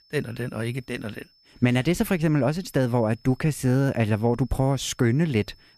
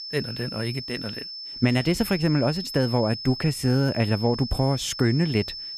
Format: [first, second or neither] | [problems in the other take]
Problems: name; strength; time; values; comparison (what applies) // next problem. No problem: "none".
first | high-pitched whine; loud; throughout; 5.5 kHz, 9 dB below the speech; faint in the first